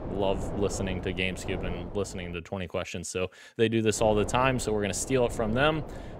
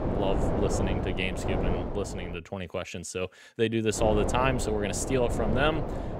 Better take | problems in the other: first | wind noise on the microphone; heavy; until 2.5 s and from 4 s on; 4 dB below the speech; occasional gusts in the first

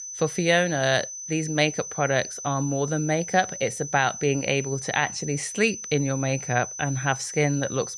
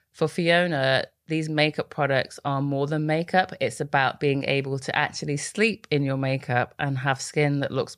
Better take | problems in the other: second | high-pitched whine; loud; throughout; 6 kHz, 9 dB below the speech

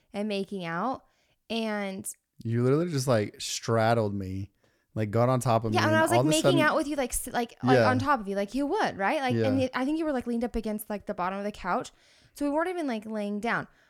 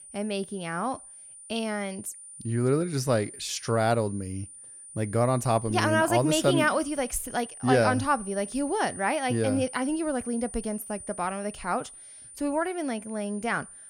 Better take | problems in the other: first | high-pitched whine; noticeable; throughout; 9.5 kHz, 15 dB below the speech

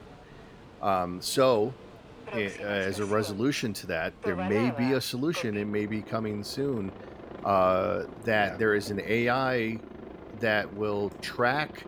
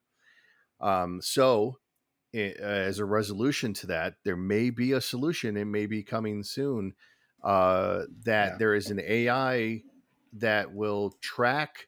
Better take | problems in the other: second | train or aircraft noise; noticeable; throughout; 15 dB below the speech

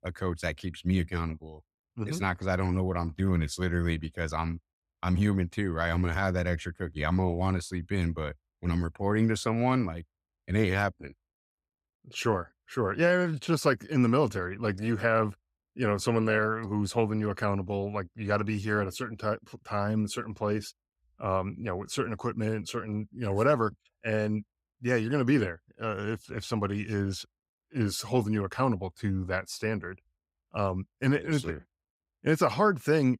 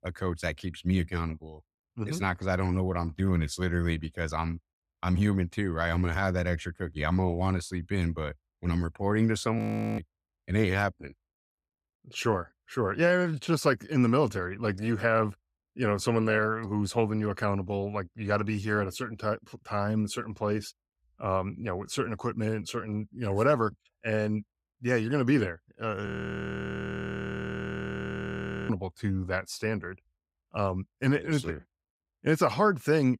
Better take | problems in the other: first | audio freezing; at 9.5 s and at 26 s for 2.5 s

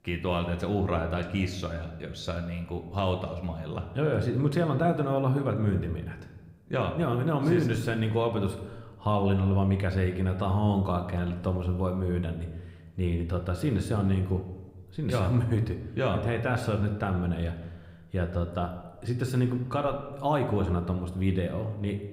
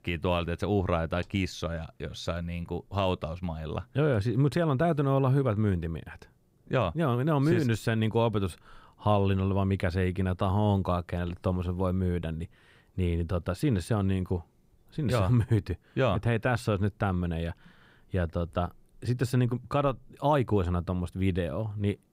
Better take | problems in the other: second | room echo; slight; dies away in 0.8 s

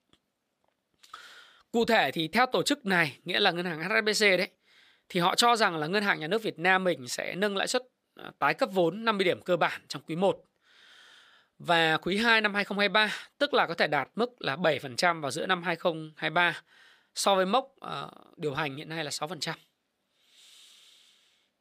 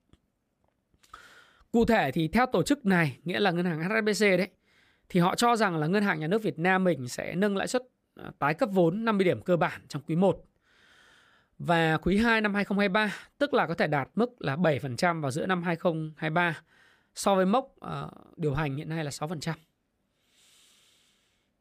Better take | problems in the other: second | thin; very slightly; fading below 500 Hz

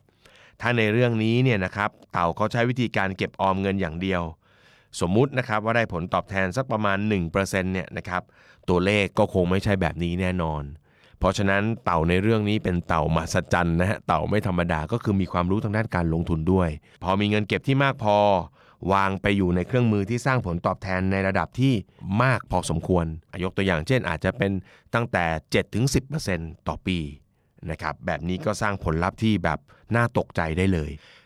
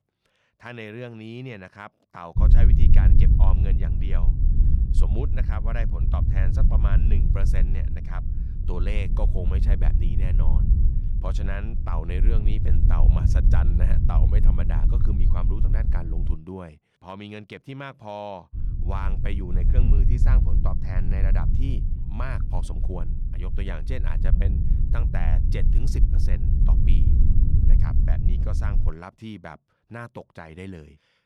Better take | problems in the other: first | low rumble; loud; from 2.5 to 16 s and from 19 to 29 s; 2 dB below the speech

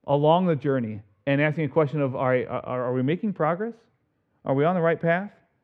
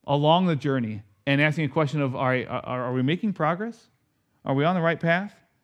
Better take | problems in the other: second | muffled; slightly; fading above 3.5 kHz

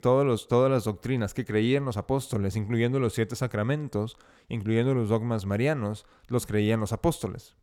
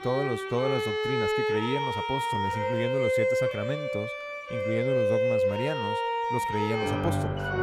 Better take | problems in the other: first | background music; very loud; throughout; 4 dB above the speech

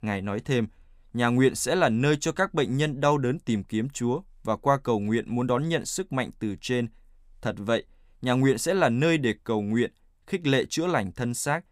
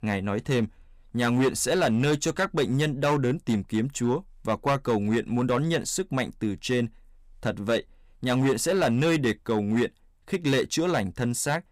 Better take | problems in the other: first | distortion; slight; 7% of the sound clipped

